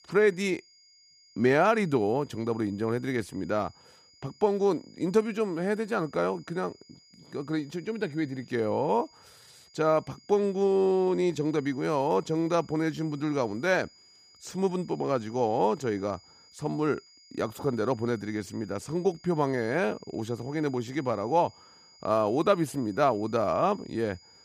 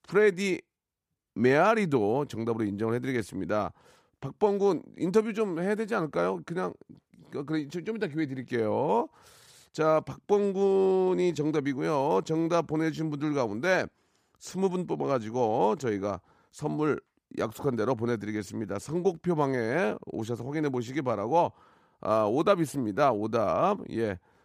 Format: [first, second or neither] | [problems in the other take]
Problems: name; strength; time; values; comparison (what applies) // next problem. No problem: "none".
second | high-pitched whine; faint; throughout; 5 kHz, 25 dB below the speech